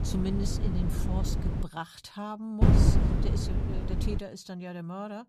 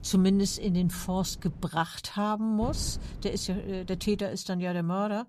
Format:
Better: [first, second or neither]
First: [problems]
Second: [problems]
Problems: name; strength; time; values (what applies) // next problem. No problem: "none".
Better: second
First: wind noise on the microphone; heavy; until 1.5 s and from 2.5 to 4 s; 2 dB above the speech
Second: wind noise on the microphone; occasional gusts; until 1.5 s and from 2.5 to 4 s; 20 dB below the speech